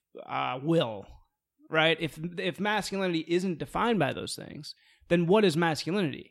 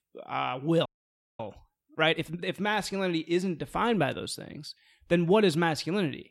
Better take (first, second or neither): first